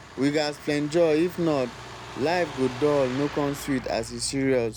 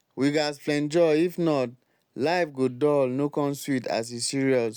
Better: second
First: background sound (Truck); 15 dB below the speech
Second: none

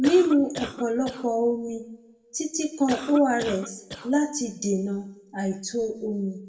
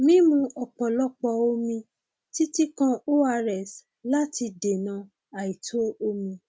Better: second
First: background sound (Cough); 11 dB below the speech // room echo; dies away in 0.5 s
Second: none

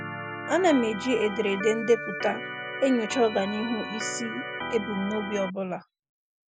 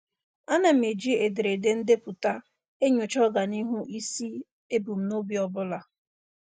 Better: second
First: background sound (Organ); 8 dB below the speech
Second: none

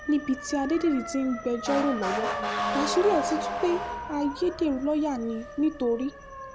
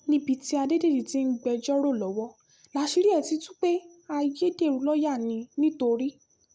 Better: second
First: background sound (Motor vehicle (road) / Siren); 6 dB below the speech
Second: none

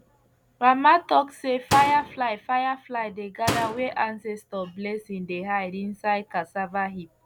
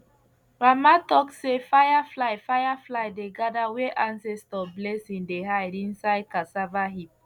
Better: second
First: background sound (Slam); 7 dB below the speech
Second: none

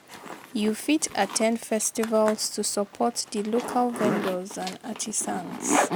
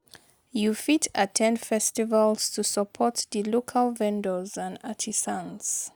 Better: second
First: background sound (Zipper (clothing)); 6 dB below the speech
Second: none

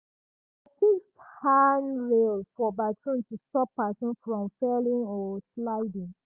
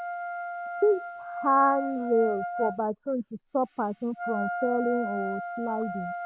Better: first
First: none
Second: background sound (Wind instrument, woodwind instrument); 6 dB below the speech

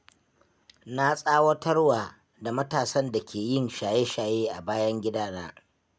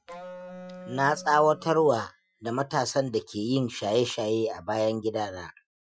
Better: first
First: none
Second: noise reduction (classical method Wiener filter)

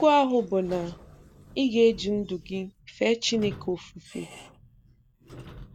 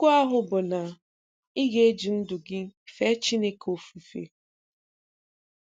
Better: second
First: background sound (Squeak / Sliding door); 19 dB below the speech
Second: none

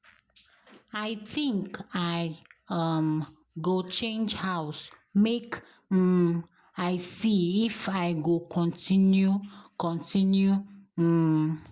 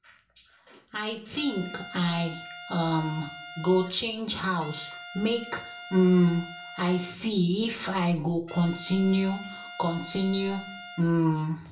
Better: first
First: none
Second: background sound (Trumpet); 15 dB below the speech // room echo; dies away in 0.3 s

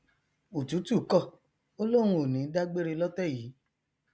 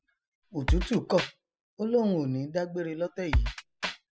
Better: first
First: none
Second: noise reduction (classical method spectral subtraction)

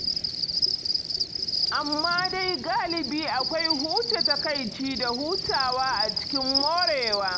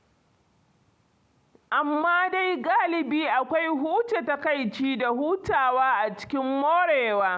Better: second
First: background sound (Cricket); 1 dB above the speech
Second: none

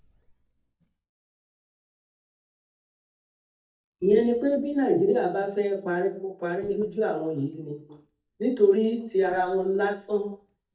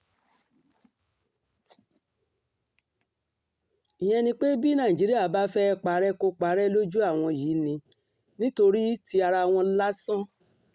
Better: second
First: noise reduction (neural mask model DeepFilterNet 3)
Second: none

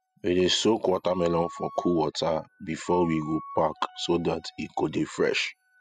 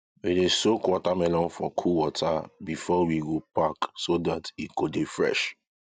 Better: second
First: noise reduction (classical method spectral subtraction)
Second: none

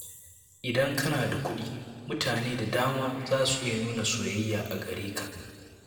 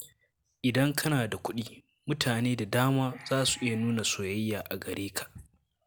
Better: second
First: room echo; dies away in 2.1 s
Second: none

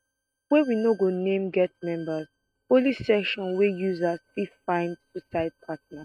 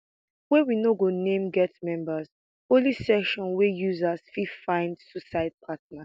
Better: second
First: noise reduction (neural mask model RNNoise)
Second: none

